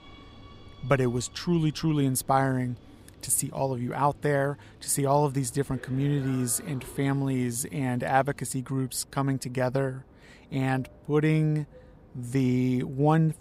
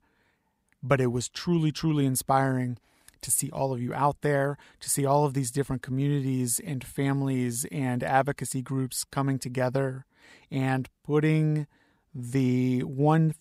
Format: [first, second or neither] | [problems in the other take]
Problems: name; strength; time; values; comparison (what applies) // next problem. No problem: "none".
second | train or aircraft noise; faint; throughout; 25 dB below the speech